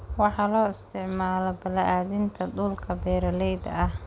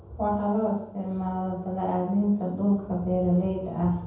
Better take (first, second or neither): first